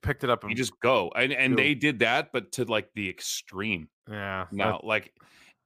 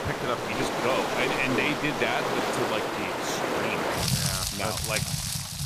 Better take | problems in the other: first | rain or running water; very loud; throughout; 2 dB above the speech

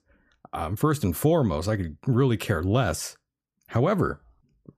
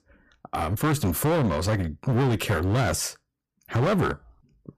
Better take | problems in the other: first | distortion; heavy; 16% of the sound clipped

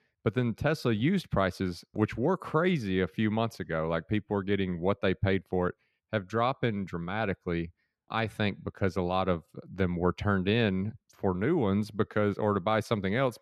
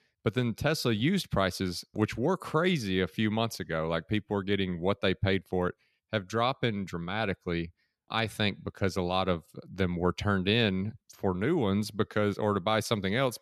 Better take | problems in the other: second | muffled; slightly; fading above 3 kHz

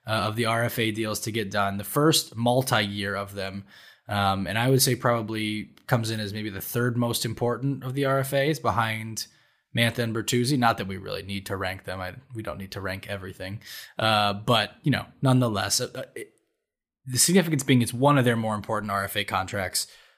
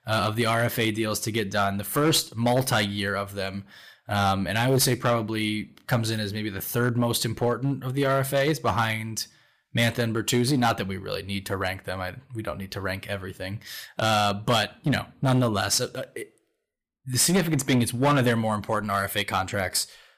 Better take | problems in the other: first | distortion; slight; 5% of the sound clipped

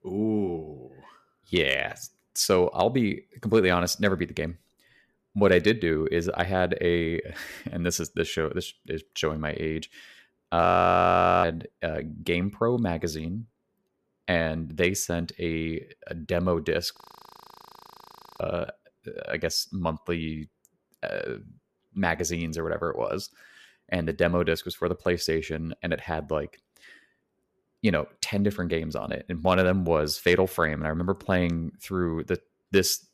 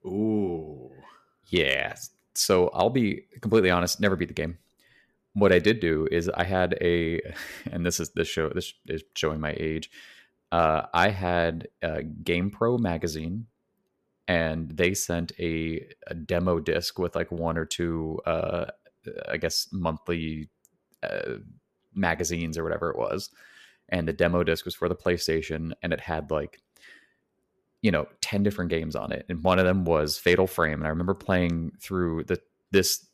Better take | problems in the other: second | audio freezing; at 11 s for 1 s and at 17 s for 1.5 s

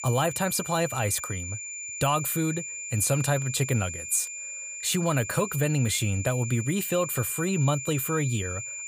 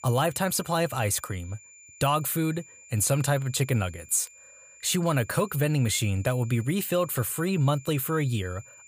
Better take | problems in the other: second | high-pitched whine; loud; throughout; 7 kHz, 7 dB below the speech; faint in the second

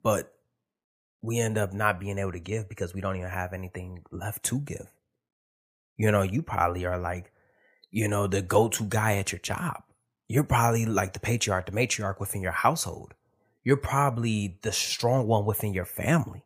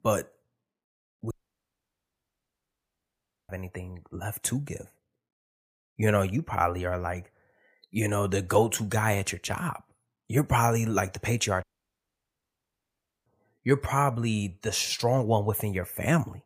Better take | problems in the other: first | audio cutting out; at 1.5 s for 2 s and at 12 s for 1.5 s

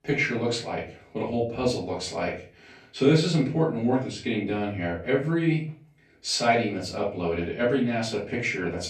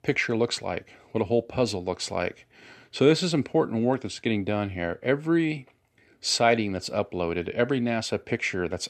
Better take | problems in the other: second | off-mic speech; far // room echo; slight; dies away in 0.3 s

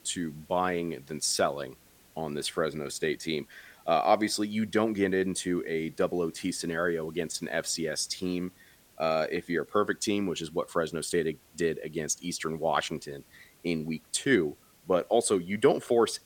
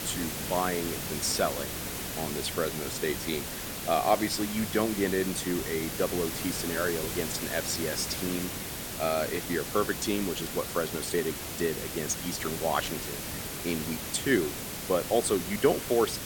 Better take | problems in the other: first | hiss; loud; throughout; 4 dB below the speech; faint in the first

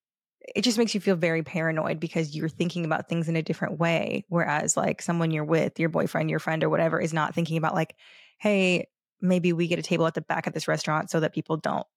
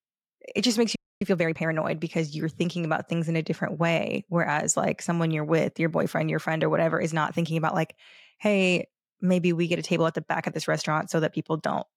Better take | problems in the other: first | audio freezing; at 1 s

